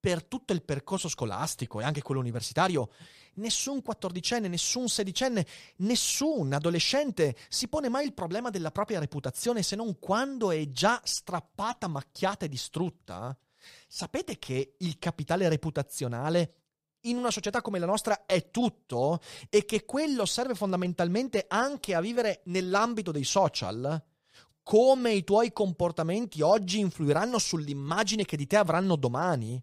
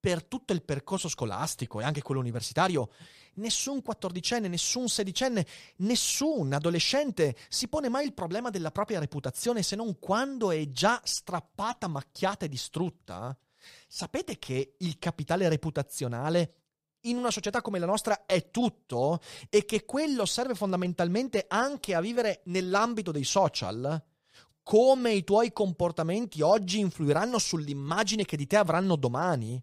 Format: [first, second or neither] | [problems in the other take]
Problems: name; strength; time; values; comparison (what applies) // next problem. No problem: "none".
neither | none